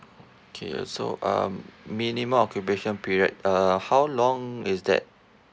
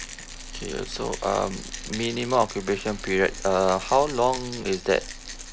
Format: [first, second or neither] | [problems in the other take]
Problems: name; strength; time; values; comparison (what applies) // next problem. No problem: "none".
first | background sound (Rattle); 11 dB below the speech